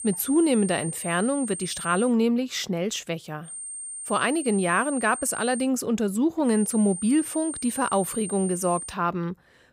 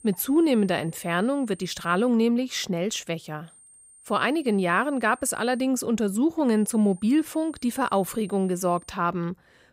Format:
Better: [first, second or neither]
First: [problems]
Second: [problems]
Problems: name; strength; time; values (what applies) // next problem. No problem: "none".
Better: second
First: high-pitched whine; loud; until 2 s, from 3.5 to 5.5 s and from 6.5 to 9 s; 8.5 kHz, 8 dB below the speech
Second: high-pitched whine; faint; until 2 s, from 3.5 to 5.5 s and from 6.5 to 9 s; 8.5 kHz, 25 dB below the speech